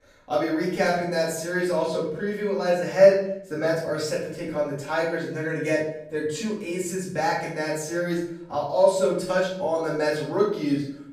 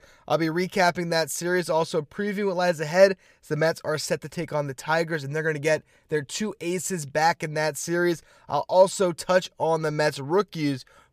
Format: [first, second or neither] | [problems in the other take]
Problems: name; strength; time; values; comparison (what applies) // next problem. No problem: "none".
second | off-mic speech; far // room echo; noticeable; dies away in 0.6 s